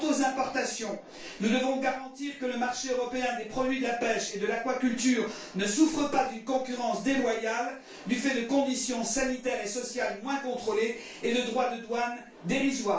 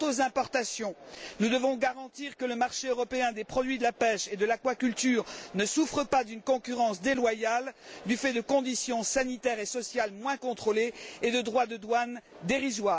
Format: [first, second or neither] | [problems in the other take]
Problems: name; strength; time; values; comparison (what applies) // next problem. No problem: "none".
second | room echo; dies away in 0.3 s